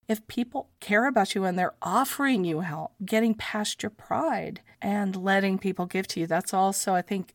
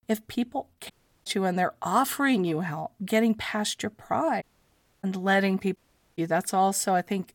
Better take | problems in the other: first | audio cutting out; at 1 s, at 4.5 s for 0.5 s and at 6 s

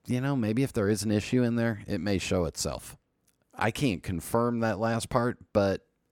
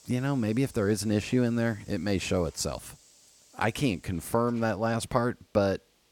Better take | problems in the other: first | hiss; faint; throughout; 25 dB below the speech

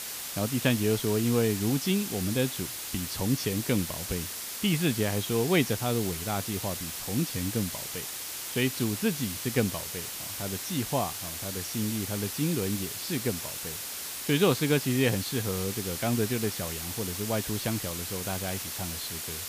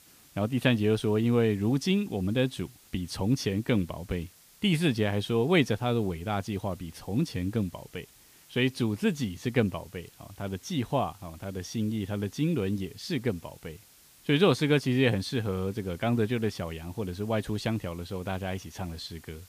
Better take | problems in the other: second | hiss; loud; throughout; 4 dB below the speech; faint in the second

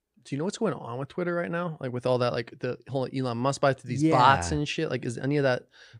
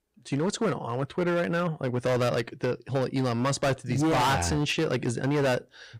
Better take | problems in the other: first | distortion; heavy; 16% of the sound clipped

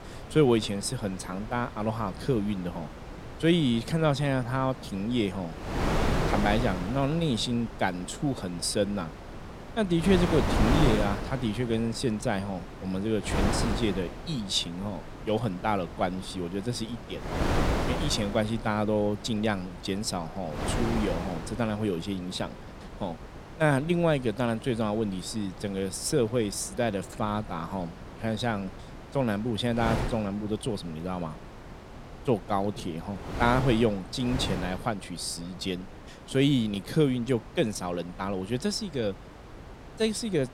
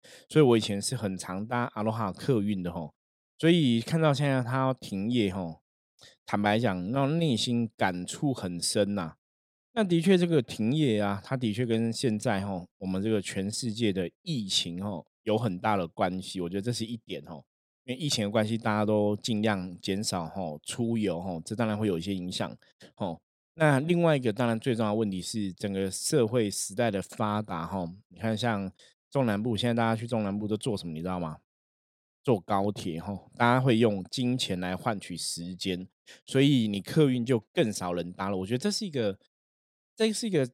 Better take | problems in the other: second | wind noise on the microphone; heavy; 7 dB below the speech

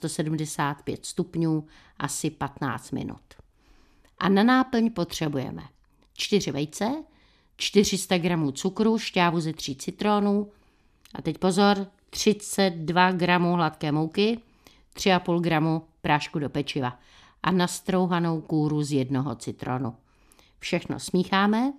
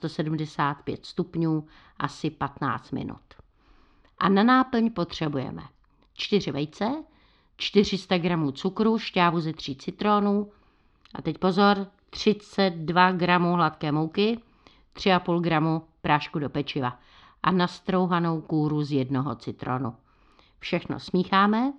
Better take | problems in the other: first | muffled; very slightly; fading above 4.5 kHz

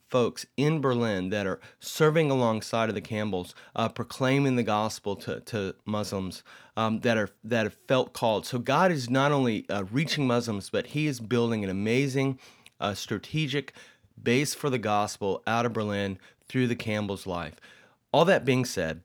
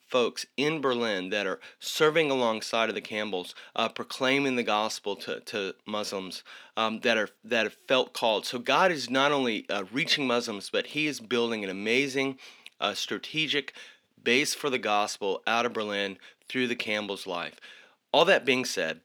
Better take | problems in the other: first | thin; very slightly; fading below 300 Hz

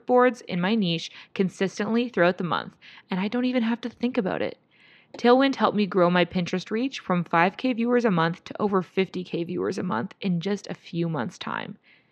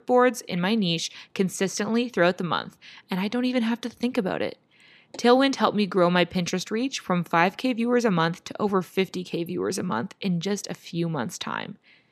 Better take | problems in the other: second | muffled; very slightly; fading above 3.5 kHz

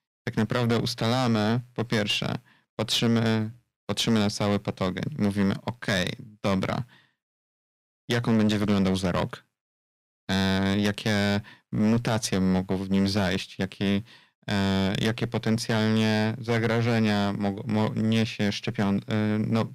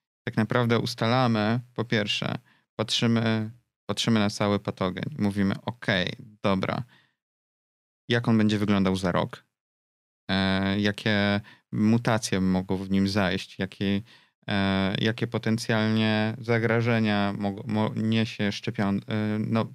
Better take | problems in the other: second | distortion; slight; 9% of the sound clipped

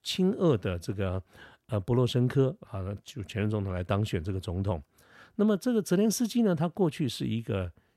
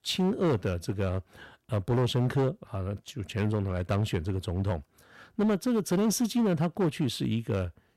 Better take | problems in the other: first | distortion; slight; 9% of the sound clipped

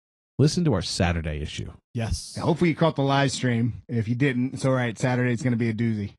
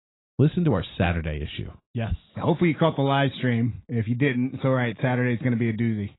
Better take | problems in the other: first | garbled, watery; badly; nothing above 4 kHz; slightly in the first

